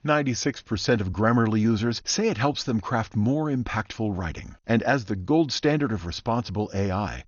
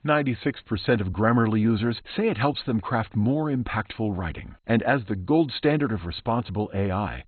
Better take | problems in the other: first | garbled, watery; badly; nothing above 4 kHz; slightly in the first

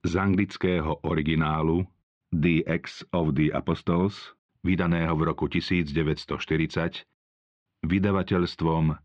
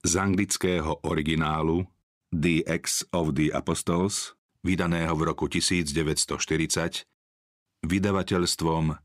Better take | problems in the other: second | muffled; slightly; fading above 3.5 kHz

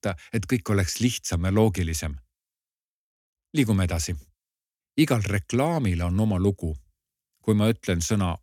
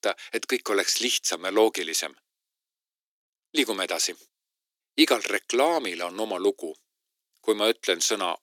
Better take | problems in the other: first | thin; very; fading below 350 Hz

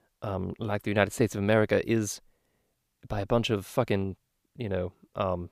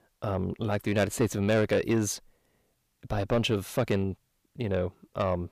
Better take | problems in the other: first | distortion; slight; 10 dB below the speech

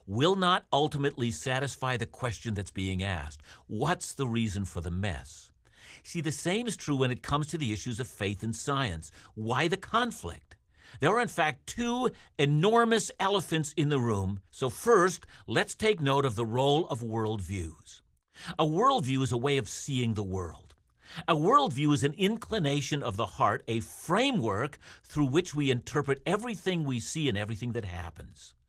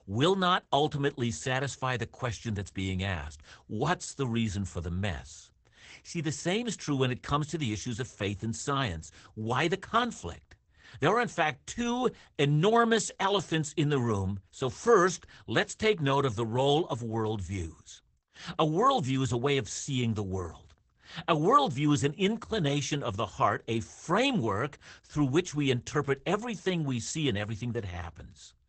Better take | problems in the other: first | garbled, watery; badly; nothing above 8 kHz; slightly in the first

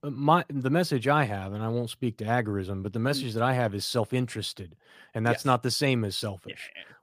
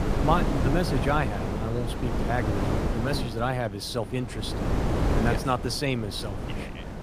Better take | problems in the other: first | wind noise on the microphone; heavy; 4 dB below the speech

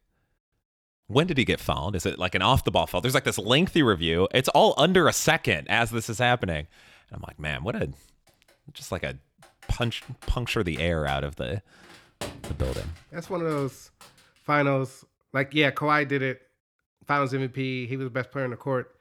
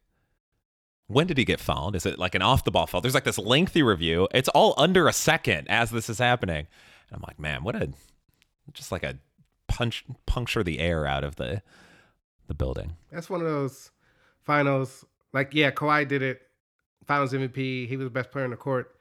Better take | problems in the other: second | keyboard typing; faint; from 9.5 to 14 s; peak 10 dB below the speech

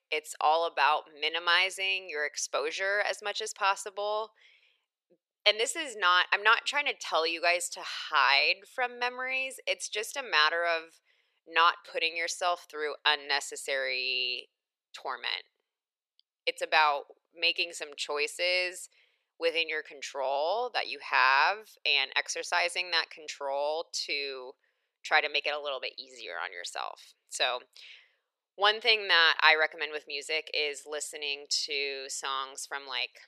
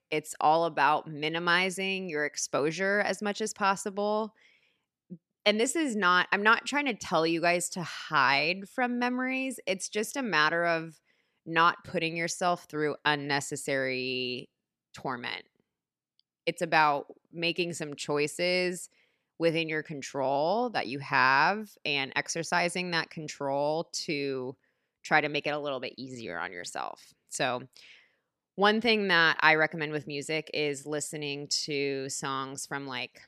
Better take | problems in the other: second | thin; very; fading below 500 Hz

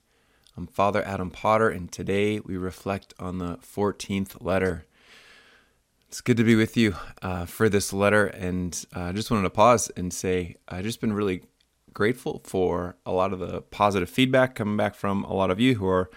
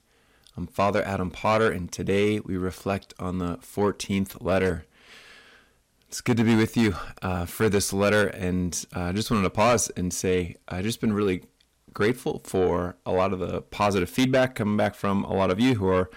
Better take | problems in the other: first | distortion; slight; 10 dB below the speech

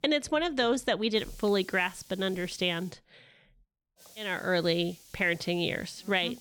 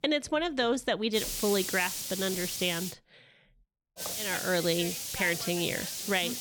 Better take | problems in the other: first | hiss; loud; from 1 to 3 s and from 4 s on; 4 dB below the speech; faint in the first

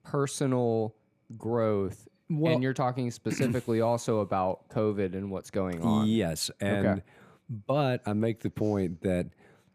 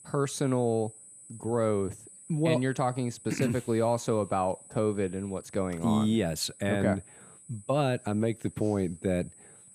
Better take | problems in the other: first | high-pitched whine; noticeable; throughout; 8 kHz, 20 dB below the speech

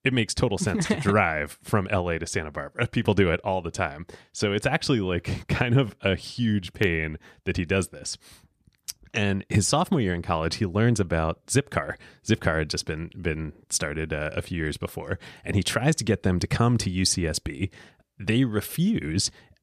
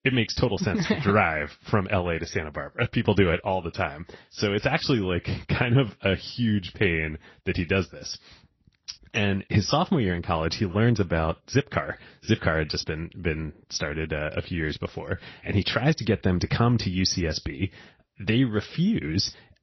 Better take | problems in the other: first | garbled, watery; slightly; nothing above 6 kHz

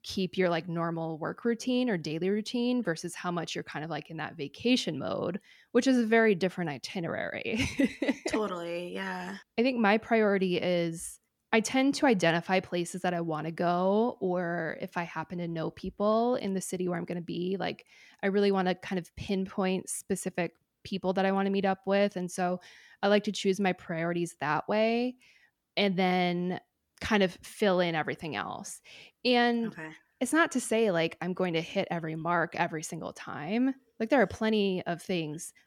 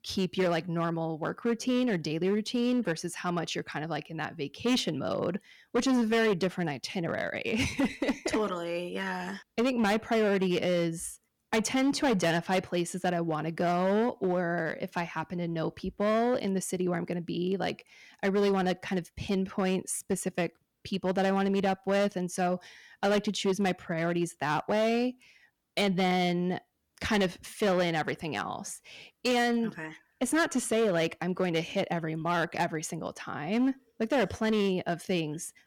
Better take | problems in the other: first | distortion; slight; 7% of the sound clipped

